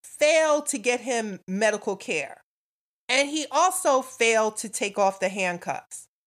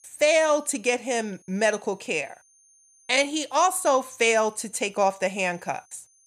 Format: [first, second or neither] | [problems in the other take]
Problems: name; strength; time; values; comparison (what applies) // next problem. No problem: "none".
first | high-pitched whine; faint; throughout; 6.5 kHz, 30 dB below the speech